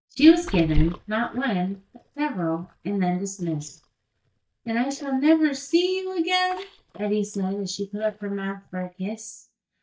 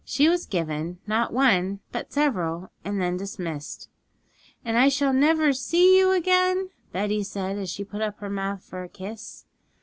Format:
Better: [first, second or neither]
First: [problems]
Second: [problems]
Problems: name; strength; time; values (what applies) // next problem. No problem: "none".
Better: second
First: noise reduction (neural mask model DeepFilterNet 3)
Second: none